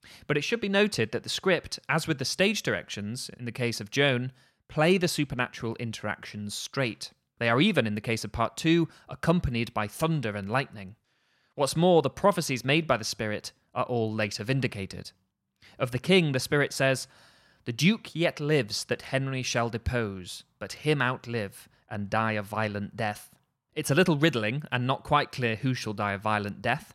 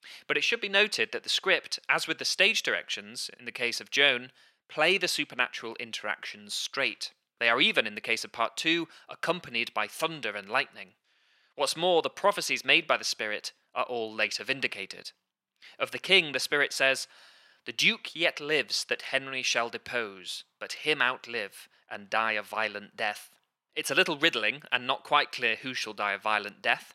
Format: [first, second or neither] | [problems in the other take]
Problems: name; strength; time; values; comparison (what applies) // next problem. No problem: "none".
first | thin; somewhat; fading below 400 Hz